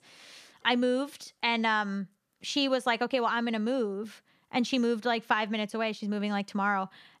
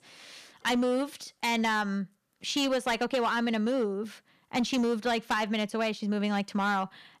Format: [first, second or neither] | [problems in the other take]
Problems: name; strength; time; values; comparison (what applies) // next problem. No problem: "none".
first | distortion; slight; 8% of the sound clipped